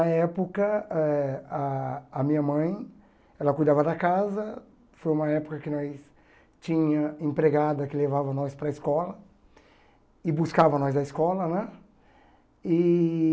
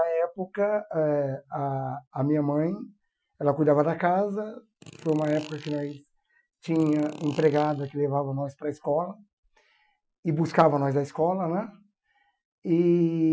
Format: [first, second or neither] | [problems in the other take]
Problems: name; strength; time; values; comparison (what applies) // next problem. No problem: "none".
first | noise reduction (classical method Wiener filter)